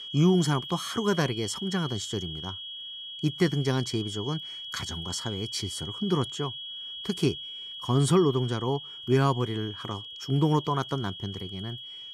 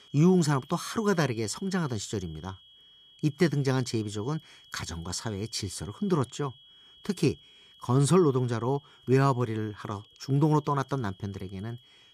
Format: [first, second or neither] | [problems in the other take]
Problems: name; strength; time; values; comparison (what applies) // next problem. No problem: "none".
second | high-pitched whine; loud; throughout; 3.5 kHz, 9 dB below the speech; faint in the second